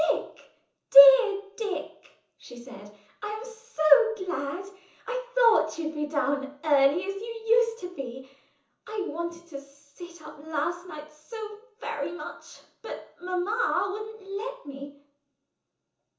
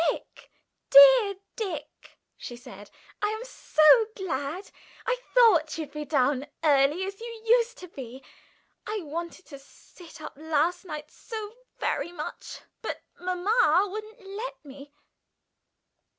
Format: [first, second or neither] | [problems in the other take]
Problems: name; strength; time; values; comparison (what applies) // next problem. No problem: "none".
second | room echo; dies away in 0.7 s